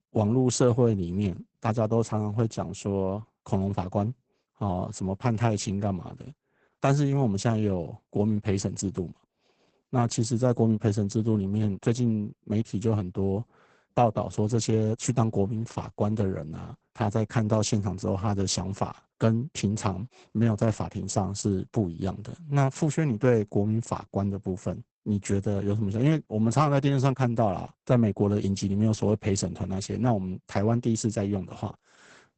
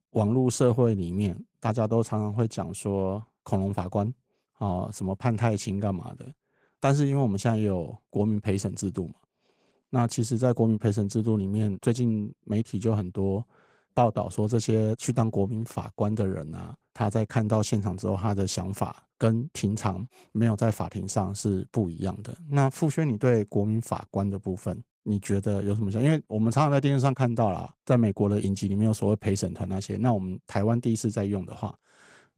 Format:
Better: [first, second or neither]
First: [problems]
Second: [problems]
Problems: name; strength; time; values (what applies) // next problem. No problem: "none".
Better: second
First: garbled, watery; badly; nothing above 8 kHz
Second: garbled, watery; slightly; nothing above 15.5 kHz